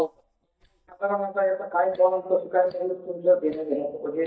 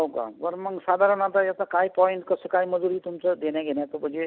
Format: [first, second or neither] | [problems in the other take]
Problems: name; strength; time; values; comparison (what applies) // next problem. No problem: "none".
second | noise reduction (neural mask model DeepFilterNet 3)